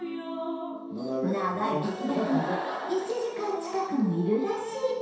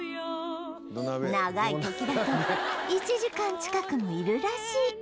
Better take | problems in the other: second | room echo; dies away in 0.7 s

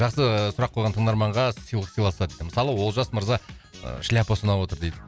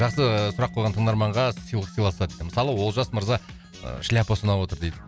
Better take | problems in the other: first | background sound (Mallet percussion); 18 dB below the speech

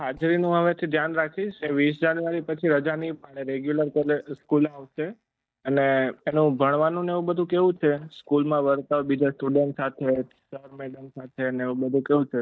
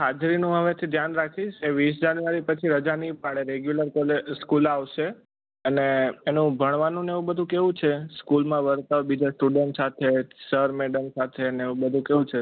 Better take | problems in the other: second | noise reduction (neural mask model DeepFilterNet 3)

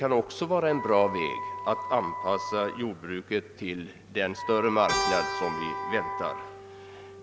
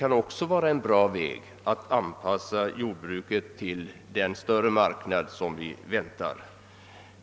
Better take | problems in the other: second | background sound (Wind instrument, woodwind instrument + Keyboard (musical)); 6 dB below the speech

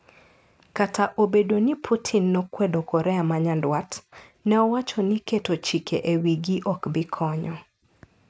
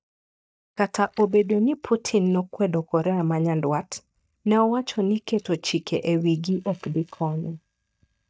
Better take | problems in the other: first | noise reduction (neural mask model DeepFilterNet 3)

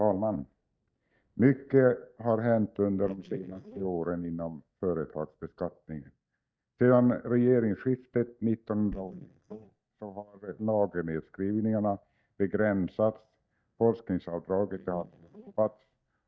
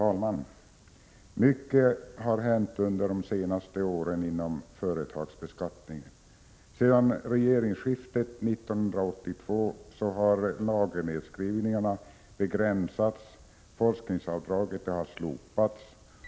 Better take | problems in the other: second | noise reduction (neural mask model DeepFilterNet 3)

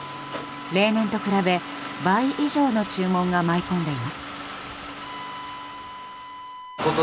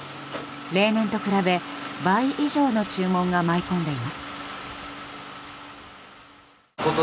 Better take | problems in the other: second | background sound (Bowed string instrument); 16 dB below the speech

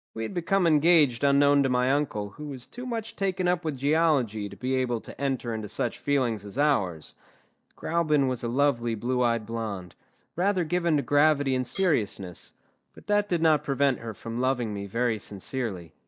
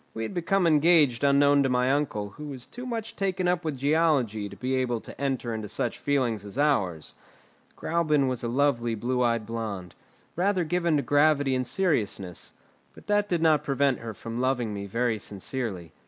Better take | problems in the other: second | noise reduction (neural mask model DeepFilterNet 3)

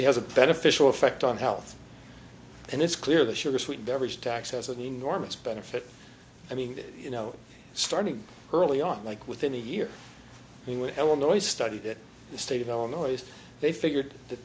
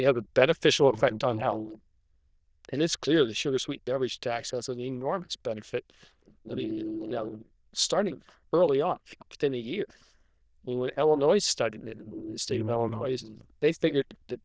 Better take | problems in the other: first | noise reduction (neural diffusion model UNIVERSE++)

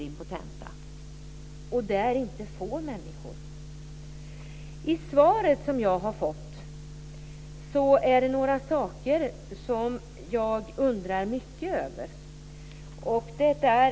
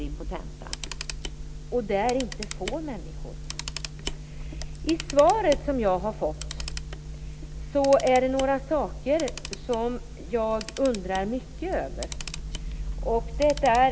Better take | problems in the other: first | background sound (Camera); 9 dB below the speech

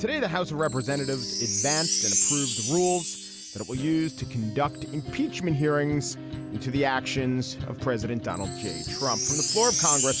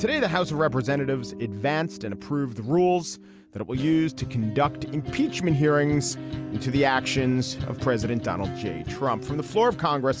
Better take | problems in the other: second | background sound (Wind chime); 3 dB below the speech

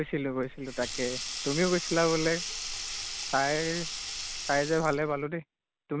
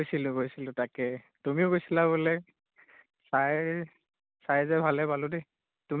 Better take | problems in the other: second | background sound (Sink (filling or washing)); 7 dB below the speech

